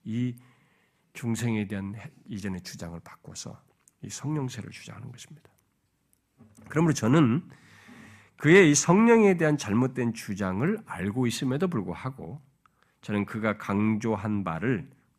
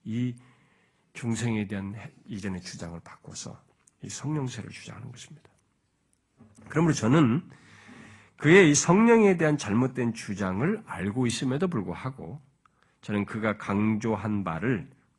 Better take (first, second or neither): first